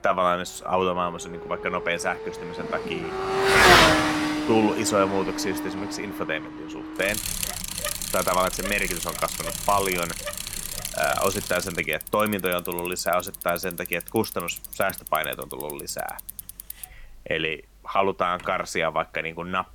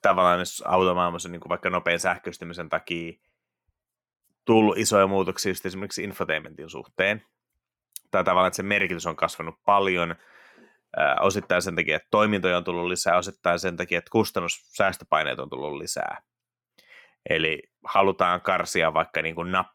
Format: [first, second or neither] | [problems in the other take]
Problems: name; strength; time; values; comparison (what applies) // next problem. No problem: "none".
second | traffic noise; very loud; throughout; as loud as the speech